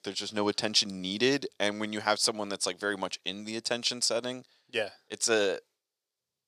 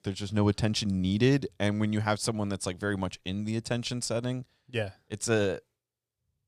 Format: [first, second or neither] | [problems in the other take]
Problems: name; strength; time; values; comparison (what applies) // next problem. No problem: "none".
second | thin; somewhat; fading below 350 Hz